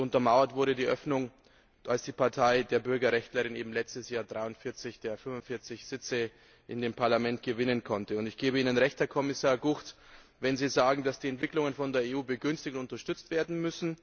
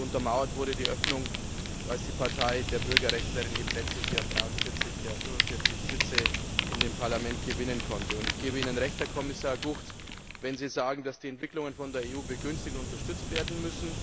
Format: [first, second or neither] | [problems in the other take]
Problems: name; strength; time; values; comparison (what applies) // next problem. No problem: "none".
first | background sound (Fire); 2 dB above the speech